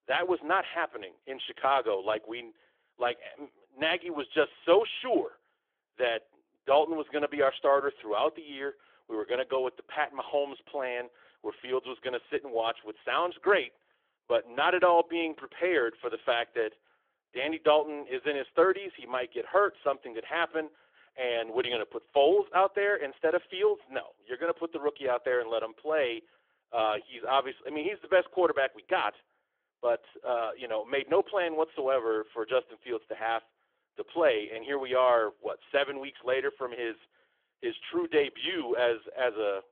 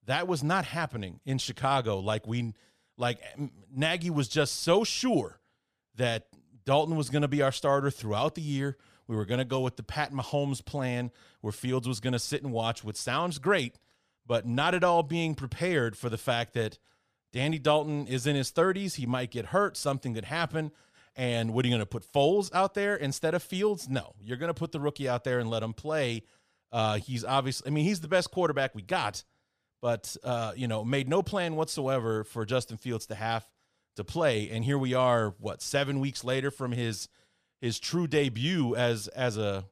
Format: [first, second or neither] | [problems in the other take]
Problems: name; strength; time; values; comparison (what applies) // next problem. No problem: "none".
second | phone-call audio; nothing above 3.5 kHz